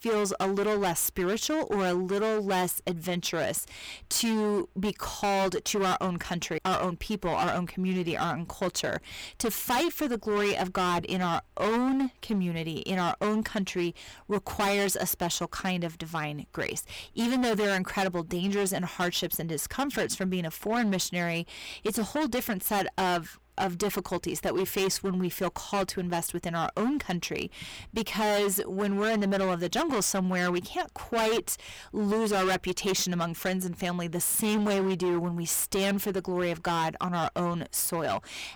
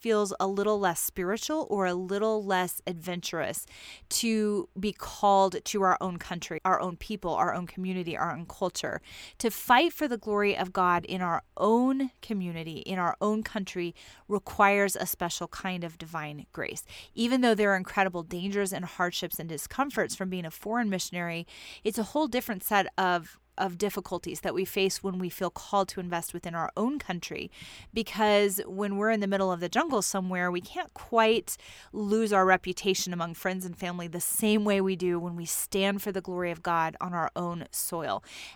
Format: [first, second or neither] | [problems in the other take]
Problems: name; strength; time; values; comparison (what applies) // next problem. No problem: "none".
second | distortion; heavy; 18% of the sound clipped